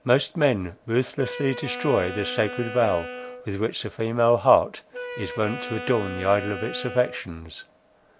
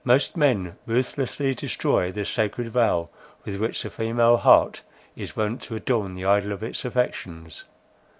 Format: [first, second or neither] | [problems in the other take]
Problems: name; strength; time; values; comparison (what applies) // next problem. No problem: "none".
second | background sound (Wind instrument, woodwind instrument); 11 dB below the speech